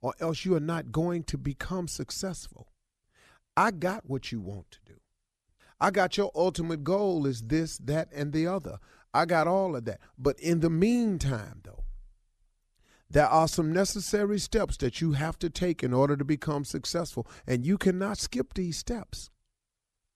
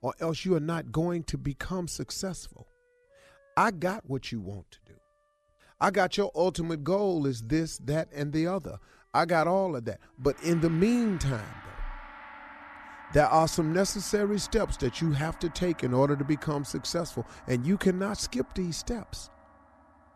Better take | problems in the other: first | background music; noticeable; throughout; 20 dB below the speech

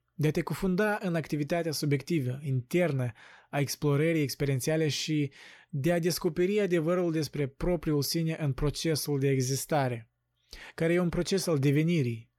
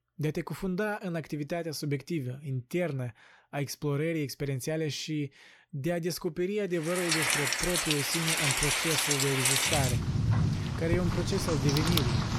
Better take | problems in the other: first | rain or running water; very loud; from 7 s on; 5 dB above the speech

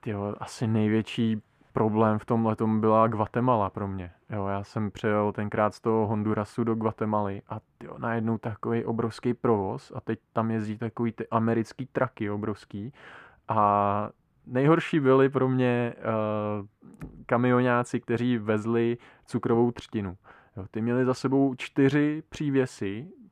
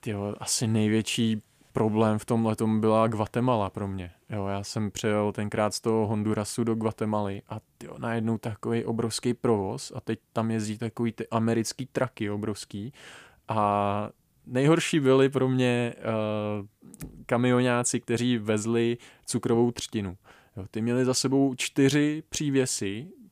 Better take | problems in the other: second | muffled; very; fading above 3.5 kHz

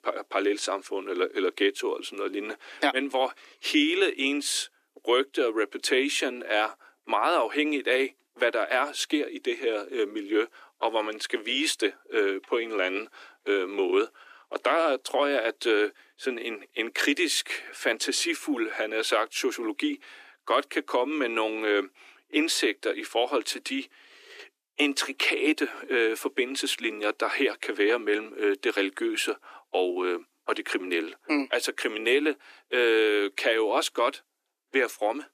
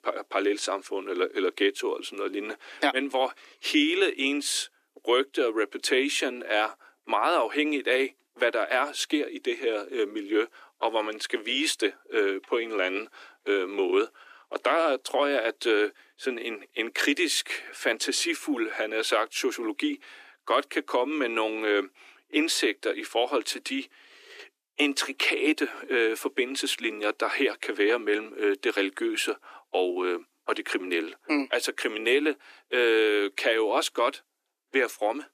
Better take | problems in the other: neither | thin; somewhat; fading below 300 Hz; the same in both

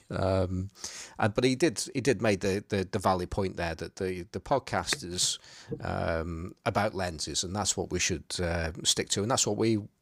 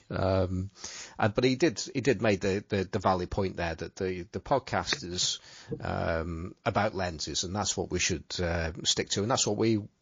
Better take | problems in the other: first | garbled, watery; slightly

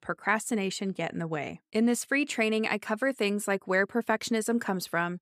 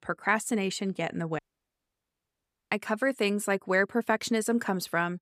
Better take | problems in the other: first | audio cutting out; at 1.5 s for 1.5 s

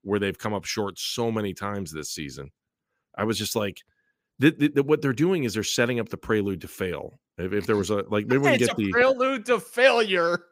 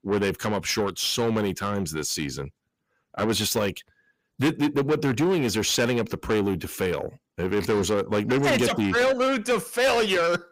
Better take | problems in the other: first | distortion; heavy; 7 dB below the speech

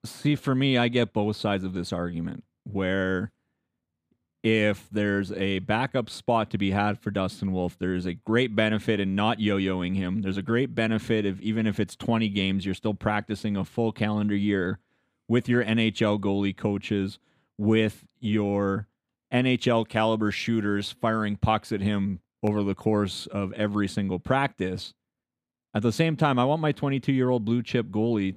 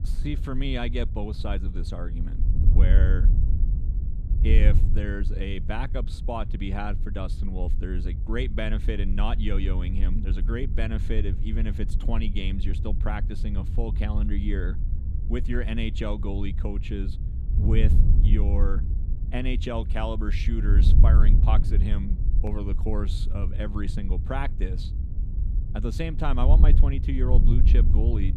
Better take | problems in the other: first | wind noise on the microphone; heavy; 8 dB below the speech

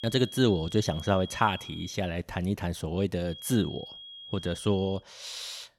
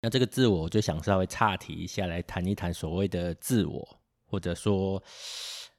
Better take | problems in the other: second | high-pitched whine; noticeable; until 2 s and from 3.5 to 5 s; 3.5 kHz, 15 dB below the speech

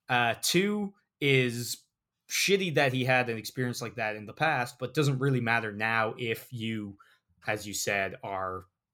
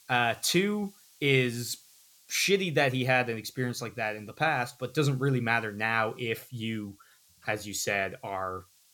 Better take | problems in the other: first | hiss; faint; throughout; 30 dB below the speech

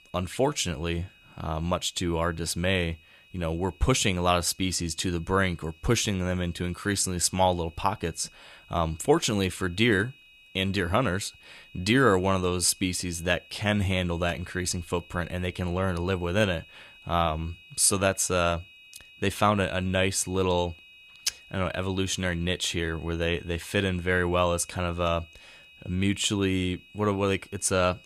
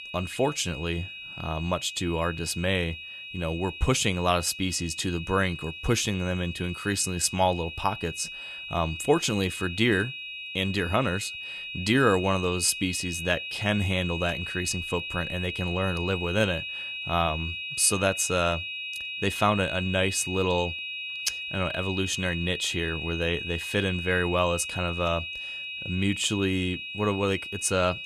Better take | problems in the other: first | high-pitched whine; loud; throughout; 2.5 kHz, 7 dB below the speech; faint in the first

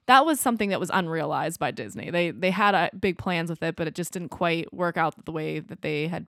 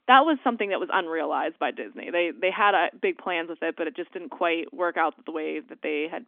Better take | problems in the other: first | phone-call audio; nothing above 3.5 kHz

